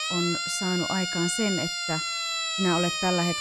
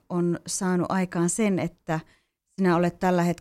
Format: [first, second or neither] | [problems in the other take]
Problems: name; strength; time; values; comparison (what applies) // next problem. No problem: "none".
second | siren; loud; peak 2 dB above the speech